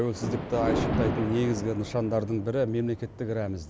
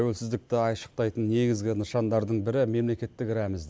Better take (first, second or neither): second